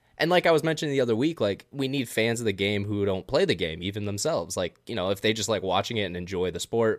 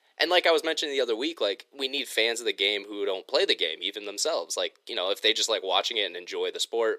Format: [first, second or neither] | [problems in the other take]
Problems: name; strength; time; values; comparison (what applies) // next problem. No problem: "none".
first | thin; very; fading below 350 Hz